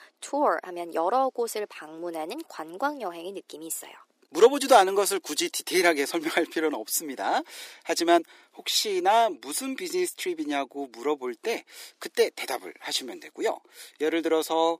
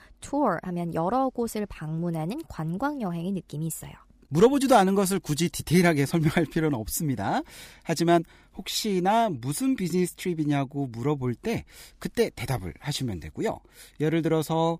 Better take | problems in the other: second | thin; somewhat; fading below 350 Hz

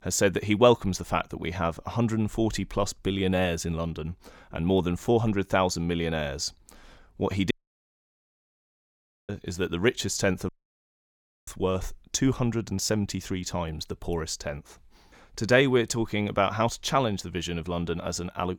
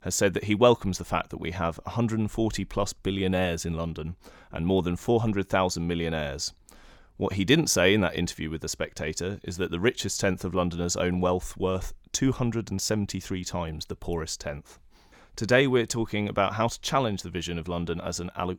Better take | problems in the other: second | audio cutting out; at 7.5 s for 2 s and at 10 s for 1 s

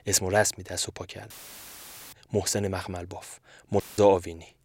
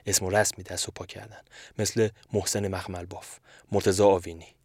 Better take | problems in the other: second | audio cutting out; filled with static; at 1.5 s for 1 s and at 4 s

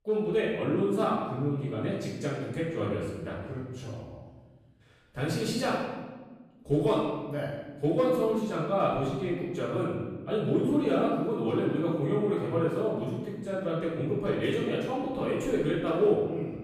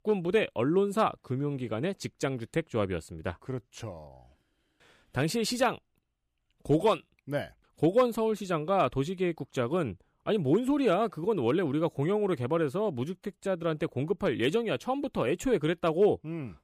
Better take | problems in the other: second | off-mic speech; far // room echo; noticeable; dies away in 1.2 s

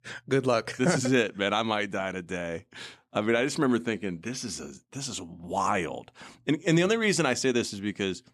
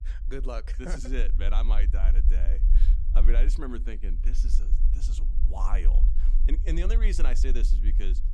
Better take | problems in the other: first | low rumble; noticeable; throughout; 10 dB below the speech

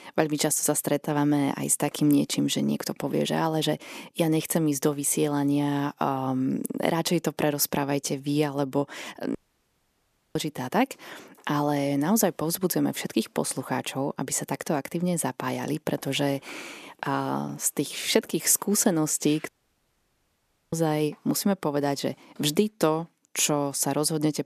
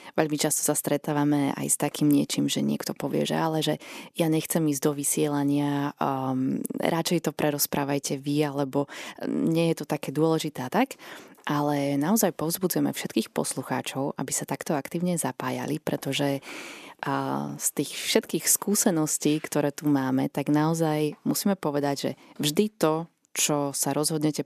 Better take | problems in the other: second | audio cutting out; at 9.5 s for 1 s and at 19 s for 1 s

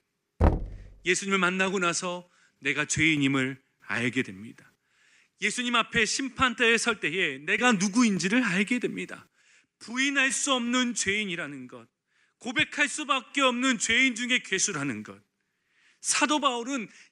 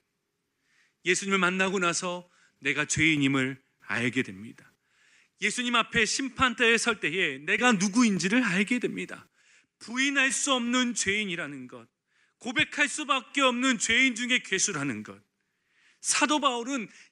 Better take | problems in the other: second | door banging; noticeable; at 0.5 s; peak 1 dB below the speech

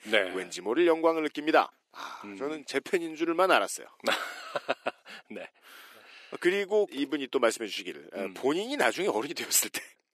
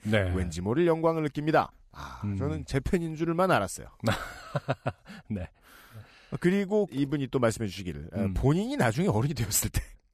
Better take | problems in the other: second | thin; somewhat; fading below 350 Hz

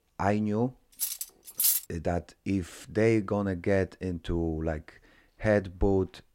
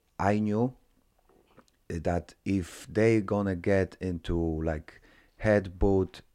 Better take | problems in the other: second | clattering dishes; loud; at 1 s; peak 5 dB above the speech

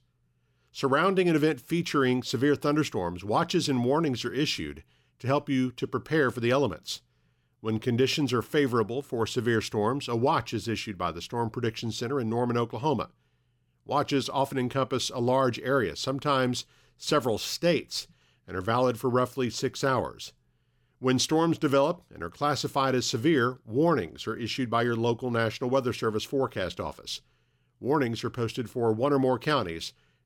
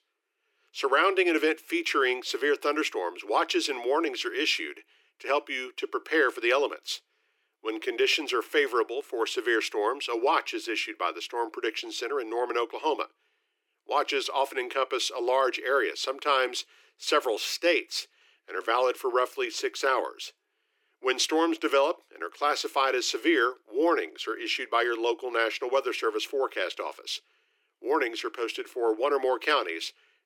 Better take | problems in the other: first | thin; very; fading below 300 Hz

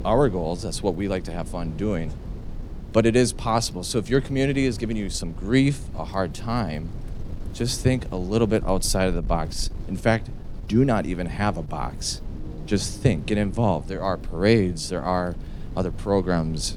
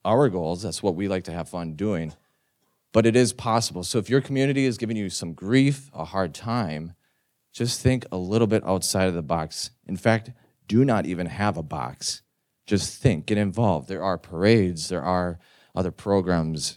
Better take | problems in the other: second | wind noise on the microphone; occasional gusts; 20 dB below the speech

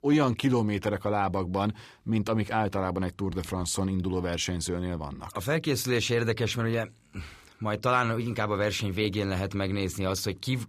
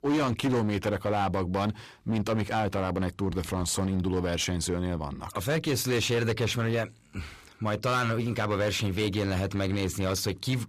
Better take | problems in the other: first | distortion; slight; 13% of the sound clipped

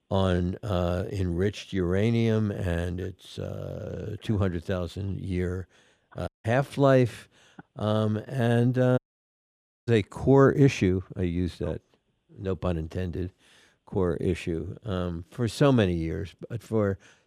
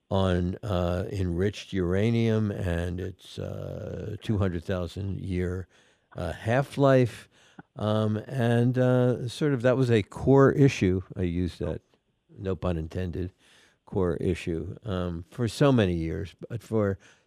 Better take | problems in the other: second | audio cutting out; at 6.5 s and at 9 s for 1 s

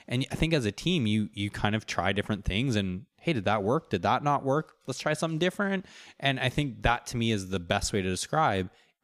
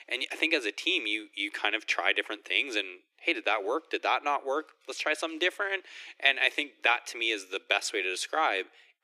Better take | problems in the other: first | thin; very; fading below 300 Hz

